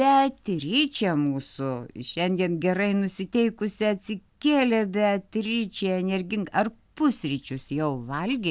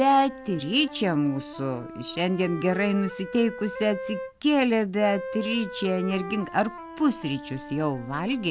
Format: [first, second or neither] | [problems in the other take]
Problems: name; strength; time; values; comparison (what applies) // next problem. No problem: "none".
first | background sound (Wind instrument, woodwind instrument); 12 dB below the speech